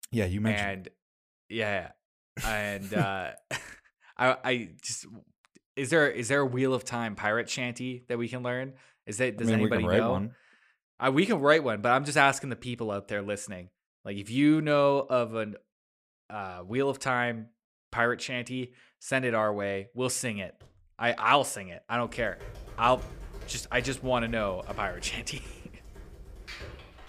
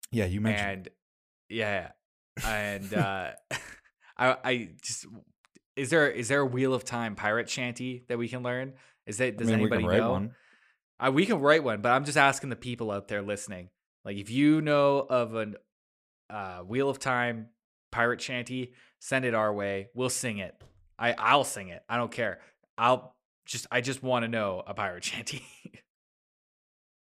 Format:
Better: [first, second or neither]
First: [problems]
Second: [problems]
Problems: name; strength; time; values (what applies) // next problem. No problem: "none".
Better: second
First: keyboard typing; faint; from 22 s on; peak 15 dB below the speech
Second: none